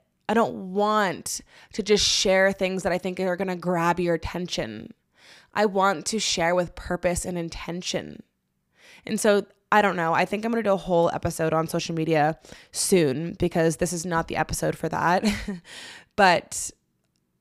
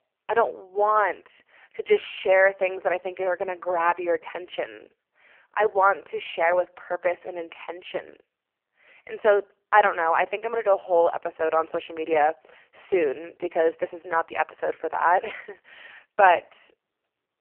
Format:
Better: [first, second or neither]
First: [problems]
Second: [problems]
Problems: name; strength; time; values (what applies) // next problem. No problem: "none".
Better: first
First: none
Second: phone-call audio; poor line